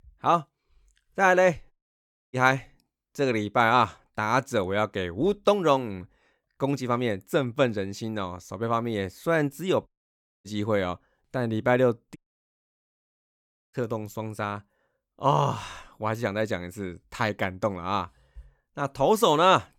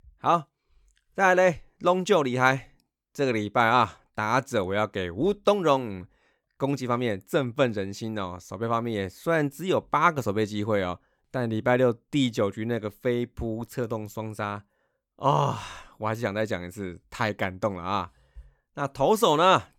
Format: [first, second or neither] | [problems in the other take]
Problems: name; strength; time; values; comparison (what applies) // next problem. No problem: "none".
second | audio cutting out; at 1.5 s for 0.5 s, at 10 s for 0.5 s and at 12 s for 1.5 s